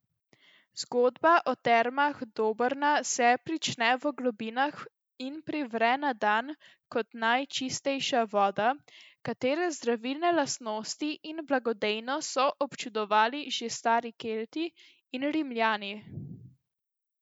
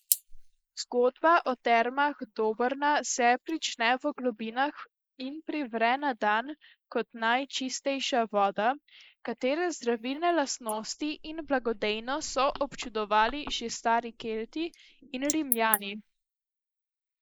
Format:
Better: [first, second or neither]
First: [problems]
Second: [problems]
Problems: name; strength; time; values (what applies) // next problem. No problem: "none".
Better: first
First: none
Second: noise reduction (neural mask model Resemble Enhance denoiser)